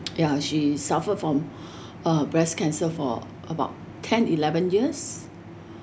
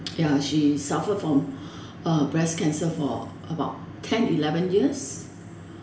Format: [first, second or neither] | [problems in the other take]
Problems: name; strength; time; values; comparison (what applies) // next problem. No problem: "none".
first | room echo; dies away in 1.2 s